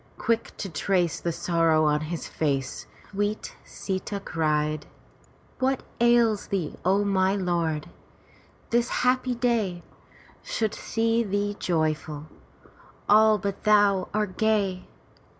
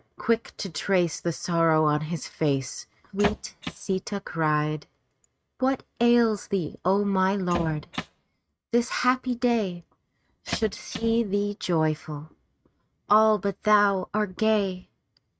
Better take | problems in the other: first | noise reduction (neural mask model RNNoise)

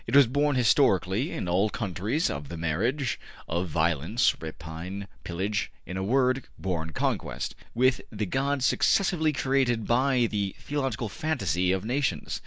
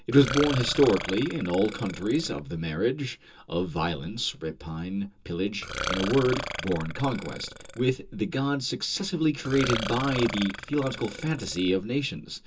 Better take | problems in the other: first | background sound (Burping, eructation); 8 dB below the speech // room echo; dies away in 0.2 s

